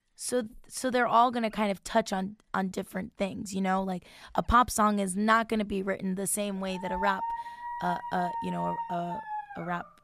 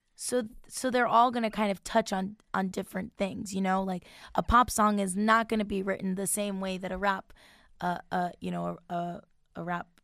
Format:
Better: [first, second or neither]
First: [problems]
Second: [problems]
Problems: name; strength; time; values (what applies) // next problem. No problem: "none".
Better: second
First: dog barking; noticeable; from 6.5 s on; peak 4 dB below the speech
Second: none